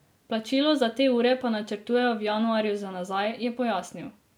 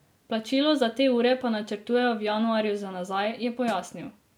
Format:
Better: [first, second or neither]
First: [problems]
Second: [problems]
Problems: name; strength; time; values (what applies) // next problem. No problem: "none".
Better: first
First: none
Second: background sound (Snare drum); 19 dB below the speech